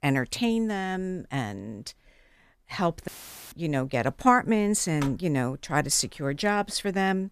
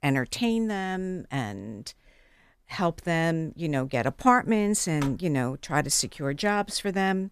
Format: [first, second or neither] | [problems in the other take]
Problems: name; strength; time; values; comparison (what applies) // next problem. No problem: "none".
second | audio cutting out; filled with static; at 3 s